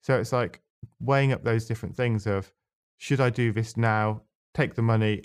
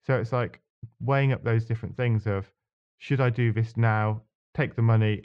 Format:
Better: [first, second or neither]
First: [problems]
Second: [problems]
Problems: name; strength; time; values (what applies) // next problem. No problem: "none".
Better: first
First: none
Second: muffled; slightly; fading above 3 kHz